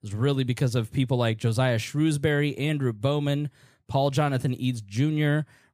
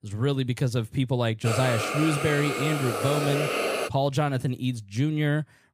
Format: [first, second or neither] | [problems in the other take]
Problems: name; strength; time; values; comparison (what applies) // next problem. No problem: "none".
first | hiss; loud; from 1.5 to 4 s; 2 dB below the speech